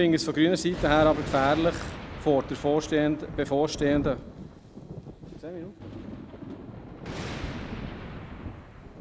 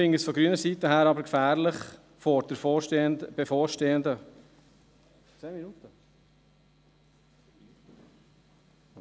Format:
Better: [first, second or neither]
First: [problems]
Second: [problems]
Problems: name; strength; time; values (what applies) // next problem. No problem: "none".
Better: second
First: background sound (Thunder); 10 dB below the speech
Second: none